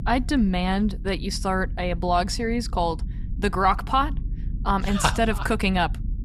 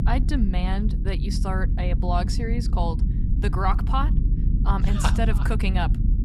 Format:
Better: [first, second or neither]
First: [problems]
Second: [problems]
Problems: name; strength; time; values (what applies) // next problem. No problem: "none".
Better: first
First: low rumble; faint; throughout; 25 dB below the speech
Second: low rumble; loud; throughout; 9 dB below the speech